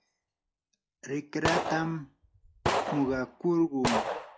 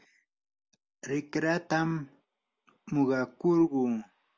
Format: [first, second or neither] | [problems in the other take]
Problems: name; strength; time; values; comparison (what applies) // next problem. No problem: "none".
second | noise reduction (classical method log-MMSE)